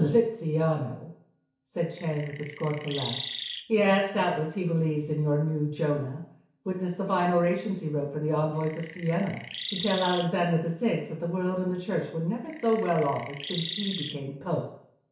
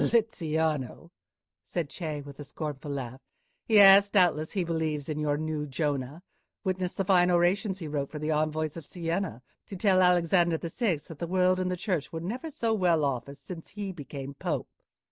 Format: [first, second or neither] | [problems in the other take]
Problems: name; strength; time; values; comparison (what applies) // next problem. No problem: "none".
second | background sound (Chirp, tweet); 10 dB below the speech // room echo; dies away in 0.6 s